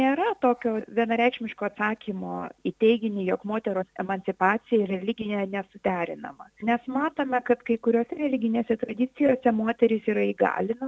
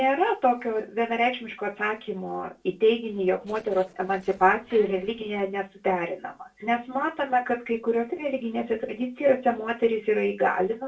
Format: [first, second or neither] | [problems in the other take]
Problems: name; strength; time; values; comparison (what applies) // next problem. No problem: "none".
first | noise reduction (neural separator model SepFormer DNS4)